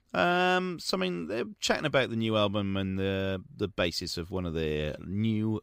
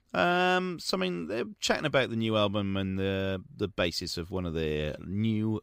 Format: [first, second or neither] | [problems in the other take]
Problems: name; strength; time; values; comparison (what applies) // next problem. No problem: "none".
neither | none